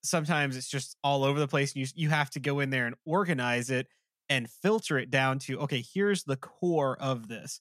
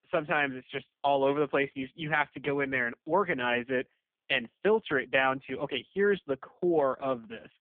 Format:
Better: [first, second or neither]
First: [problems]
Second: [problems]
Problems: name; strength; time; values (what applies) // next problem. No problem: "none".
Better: first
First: none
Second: phone-call audio; poor line; nothing above 3.5 kHz